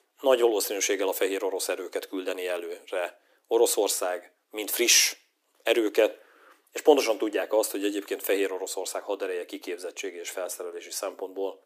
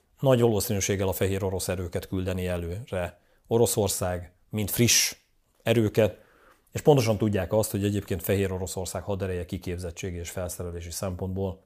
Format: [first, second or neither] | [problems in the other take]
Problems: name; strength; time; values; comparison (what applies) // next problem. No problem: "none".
second | thin; somewhat; fading below 300 Hz